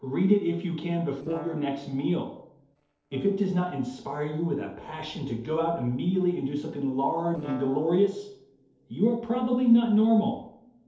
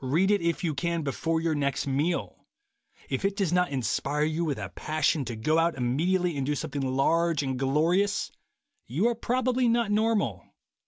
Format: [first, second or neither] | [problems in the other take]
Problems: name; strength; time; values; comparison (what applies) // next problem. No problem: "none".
second | noise reduction (neural separator model SepFormer DNS4)